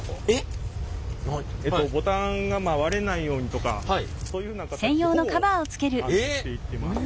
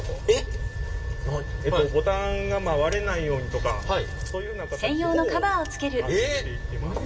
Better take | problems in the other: first | background sound (Wind instrument, woodwind instrument); 18 dB below the speech // room echo; dies away in 1.7 s

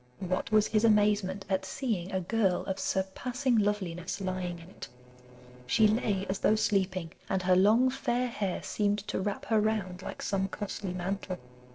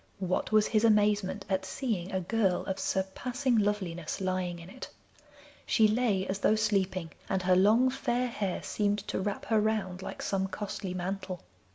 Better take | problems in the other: second | noise reduction (neural separator model SepFormer DNS4)

